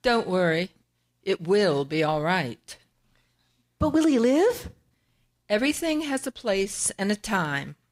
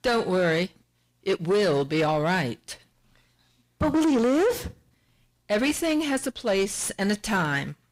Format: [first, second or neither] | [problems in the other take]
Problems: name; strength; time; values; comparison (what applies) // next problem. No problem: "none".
first | distortion; slight; 10 dB below the speech